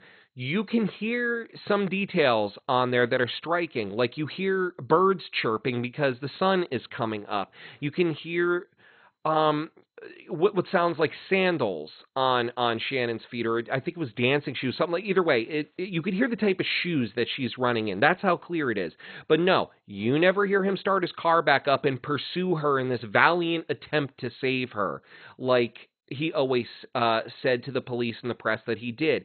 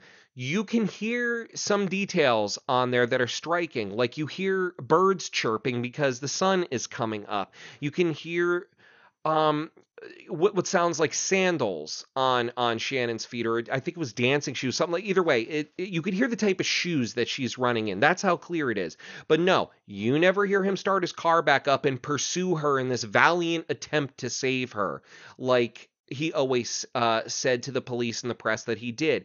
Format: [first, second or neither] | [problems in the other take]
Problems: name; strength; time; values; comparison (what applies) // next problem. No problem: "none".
second | garbled, watery; badly; nothing above 4 kHz; slightly in the second